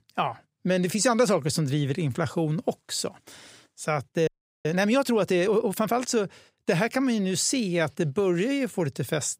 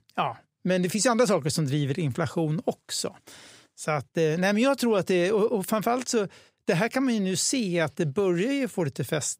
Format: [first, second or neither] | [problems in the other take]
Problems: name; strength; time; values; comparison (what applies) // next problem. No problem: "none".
second | audio freezing; at 4.5 s